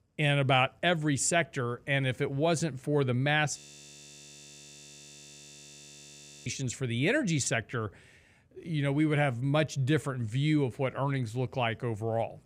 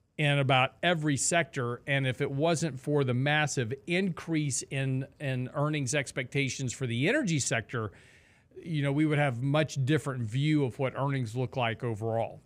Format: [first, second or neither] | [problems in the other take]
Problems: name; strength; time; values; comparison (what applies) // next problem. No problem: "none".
second | audio freezing; at 3.5 s for 3 s